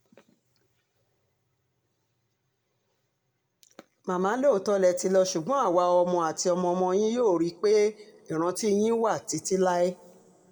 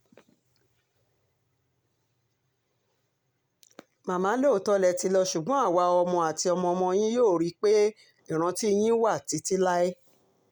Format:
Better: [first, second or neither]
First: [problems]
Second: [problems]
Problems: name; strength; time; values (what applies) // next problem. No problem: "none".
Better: second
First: room echo; dies away in 2.2 s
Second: none